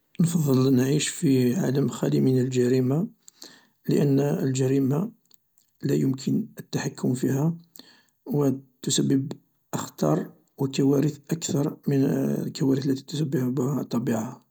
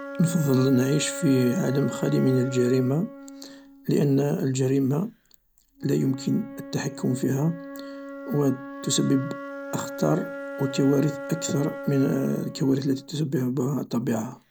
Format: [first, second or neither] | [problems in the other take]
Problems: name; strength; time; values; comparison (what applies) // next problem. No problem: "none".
first | background sound (Wind instrument, woodwind instrument); 13 dB below the speech